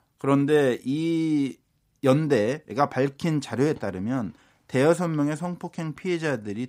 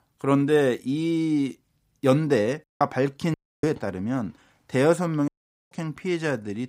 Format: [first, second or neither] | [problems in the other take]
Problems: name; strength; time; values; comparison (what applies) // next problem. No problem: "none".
first | audio cutting out; at 2.5 s, at 3.5 s and at 5.5 s